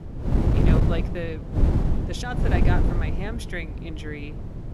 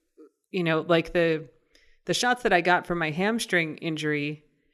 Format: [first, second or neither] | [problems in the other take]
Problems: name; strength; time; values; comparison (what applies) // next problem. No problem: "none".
second | wind noise on the microphone; heavy; 1 dB above the speech